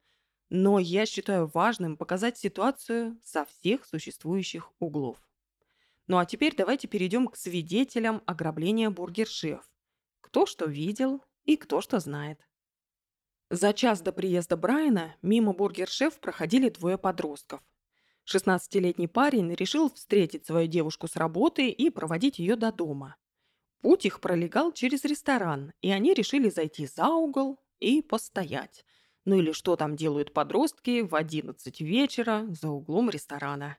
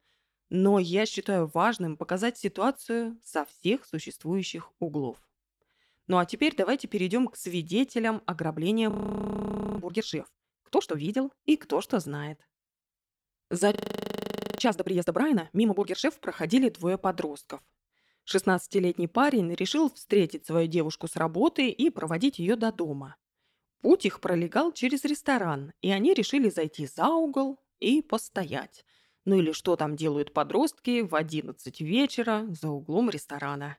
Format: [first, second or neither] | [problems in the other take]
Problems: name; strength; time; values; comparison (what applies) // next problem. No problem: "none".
first | audio freezing; at 9 s for 1 s and at 14 s for 1 s